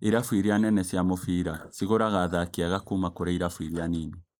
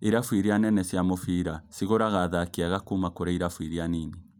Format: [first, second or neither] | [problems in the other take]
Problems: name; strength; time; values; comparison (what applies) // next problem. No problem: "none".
second | noise reduction (neural mask model Resemble Enhance denoiser)